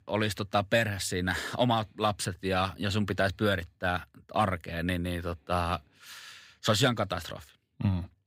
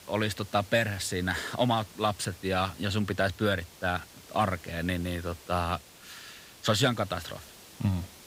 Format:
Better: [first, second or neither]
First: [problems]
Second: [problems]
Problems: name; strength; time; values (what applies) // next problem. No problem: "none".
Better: first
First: none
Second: hiss; noticeable; throughout; 20 dB below the speech